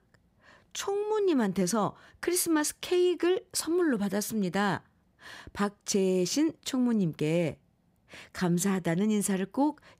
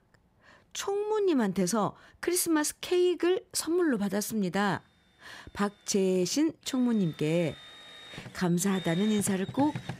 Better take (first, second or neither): first